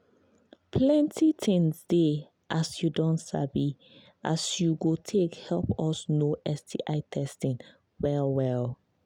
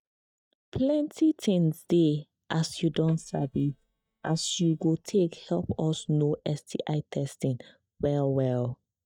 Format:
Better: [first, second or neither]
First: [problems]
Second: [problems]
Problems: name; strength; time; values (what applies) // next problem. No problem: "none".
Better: first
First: none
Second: noise reduction (neural mask model DeepFilterNet 3)